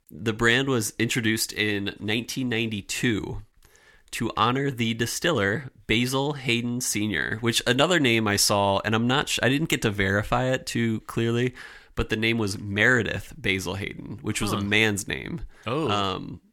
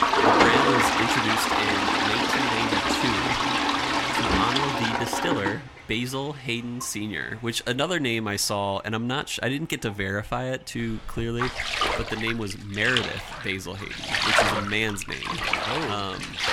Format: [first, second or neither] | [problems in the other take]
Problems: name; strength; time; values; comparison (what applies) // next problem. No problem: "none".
first | household noises; very loud; throughout; 5 dB above the speech